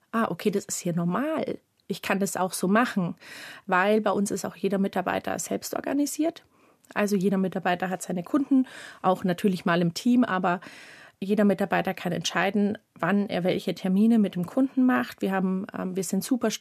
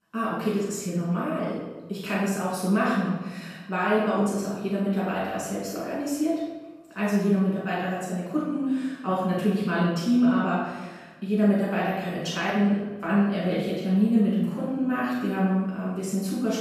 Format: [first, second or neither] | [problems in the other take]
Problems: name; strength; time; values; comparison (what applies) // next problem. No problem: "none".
first | off-mic speech; far // room echo; strong; dies away in 1.2 s